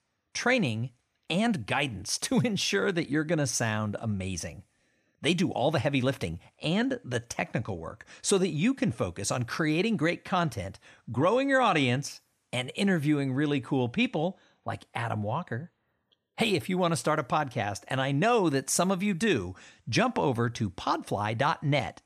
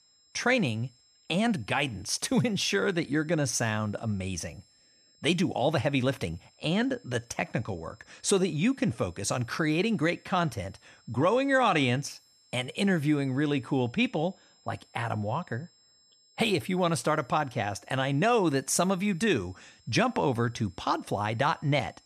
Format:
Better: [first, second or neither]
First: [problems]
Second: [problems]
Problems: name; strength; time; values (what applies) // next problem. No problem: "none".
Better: first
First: none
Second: high-pitched whine; faint; throughout; 5 kHz, 30 dB below the speech